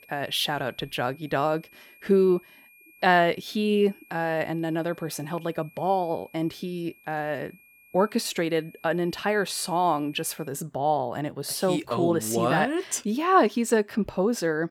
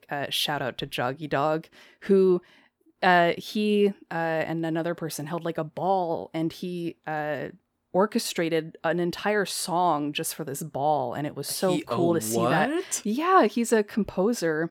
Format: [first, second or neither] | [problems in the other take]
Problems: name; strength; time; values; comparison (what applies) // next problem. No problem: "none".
second | high-pitched whine; faint; until 10 s; 2.5 kHz, 25 dB below the speech